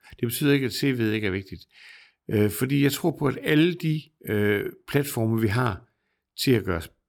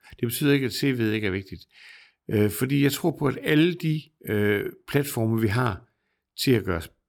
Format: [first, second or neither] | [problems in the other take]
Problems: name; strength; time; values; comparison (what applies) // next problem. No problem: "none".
neither | none